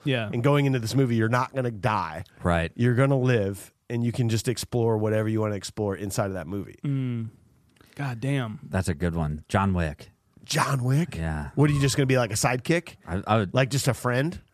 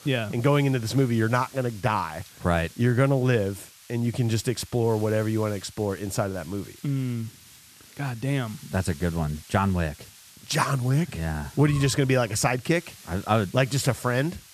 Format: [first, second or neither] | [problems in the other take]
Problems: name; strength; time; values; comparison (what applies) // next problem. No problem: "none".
first | hiss; faint; throughout; 20 dB below the speech